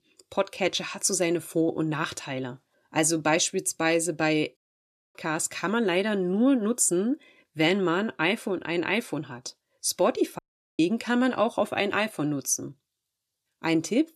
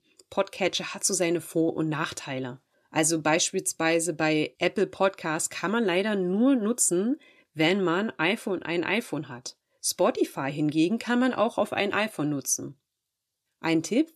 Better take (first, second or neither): second